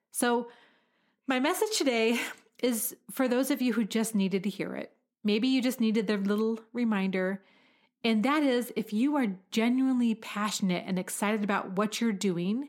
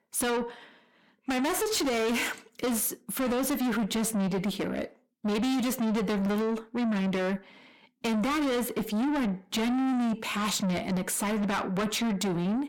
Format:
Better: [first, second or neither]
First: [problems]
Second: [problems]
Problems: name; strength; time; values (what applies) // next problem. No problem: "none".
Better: first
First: none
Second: distortion; heavy; 6 dB below the speech